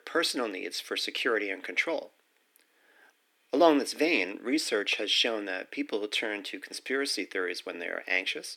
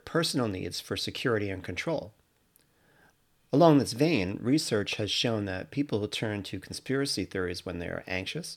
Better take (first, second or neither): second